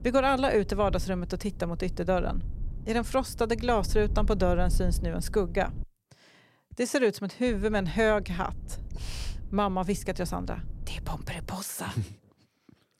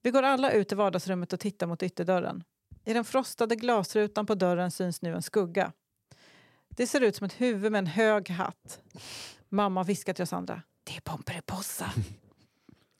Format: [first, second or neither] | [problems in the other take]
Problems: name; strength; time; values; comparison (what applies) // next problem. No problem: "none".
second | low rumble; faint; until 6 s and from 7.5 to 11 s; 25 dB below the speech